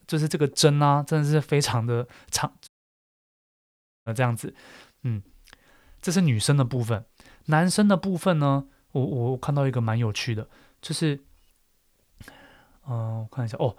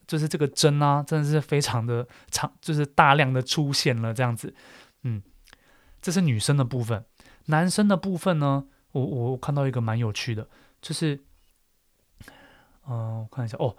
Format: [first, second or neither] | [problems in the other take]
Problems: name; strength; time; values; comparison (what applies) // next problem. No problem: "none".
second | audio cutting out; at 2.5 s for 1.5 s